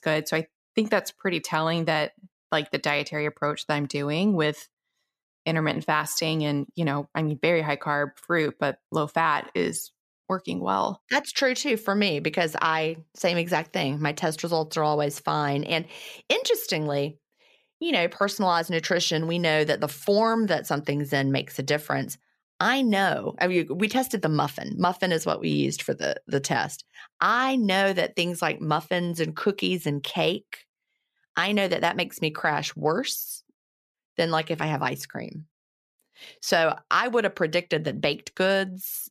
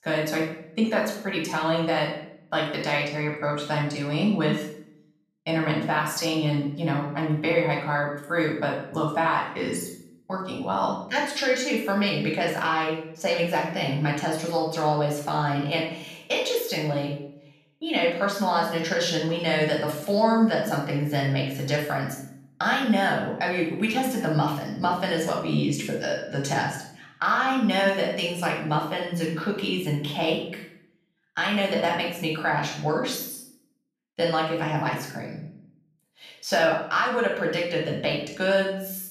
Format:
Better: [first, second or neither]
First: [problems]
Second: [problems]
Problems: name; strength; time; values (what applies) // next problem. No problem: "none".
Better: first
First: none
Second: off-mic speech; far // room echo; noticeable; dies away in 0.6 s